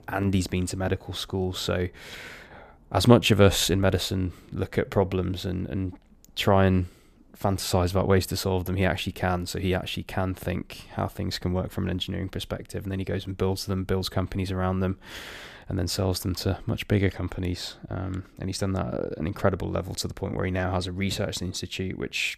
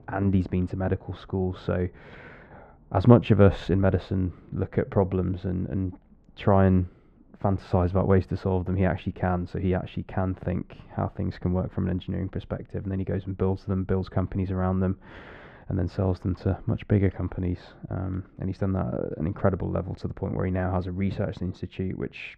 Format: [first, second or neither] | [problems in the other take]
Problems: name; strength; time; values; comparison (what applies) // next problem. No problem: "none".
first | muffled; very; fading above 1.5 kHz